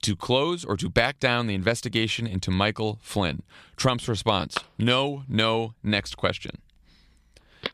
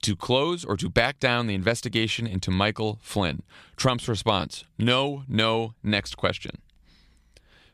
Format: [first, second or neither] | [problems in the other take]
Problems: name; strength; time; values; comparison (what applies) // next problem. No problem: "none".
second | phone ringing; noticeable; from 4.5 s on; peak 9 dB below the speech